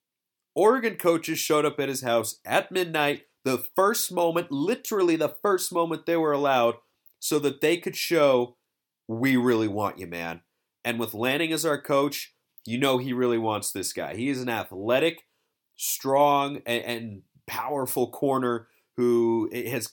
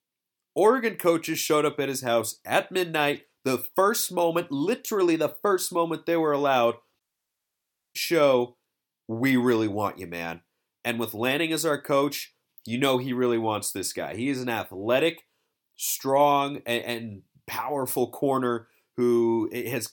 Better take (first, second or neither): first